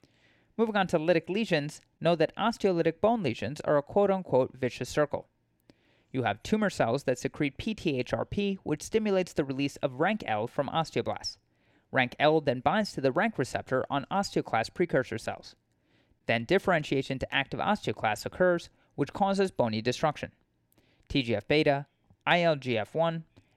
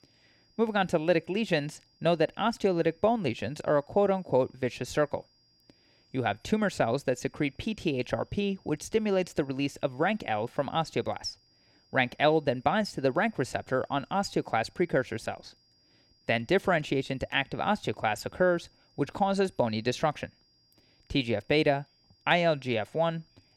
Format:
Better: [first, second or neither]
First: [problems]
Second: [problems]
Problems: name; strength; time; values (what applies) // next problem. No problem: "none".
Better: first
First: none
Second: high-pitched whine; faint; throughout; 5 kHz, 35 dB below the speech